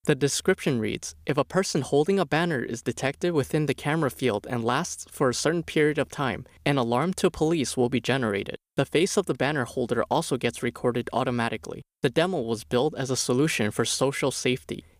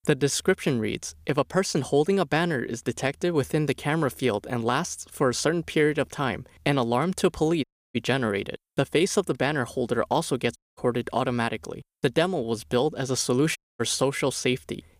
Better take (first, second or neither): first